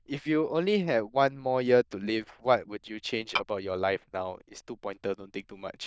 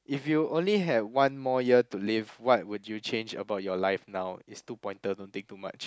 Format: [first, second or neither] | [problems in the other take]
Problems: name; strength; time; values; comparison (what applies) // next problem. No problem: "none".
second | noise reduction (neural diffusion model UNIVERSE++)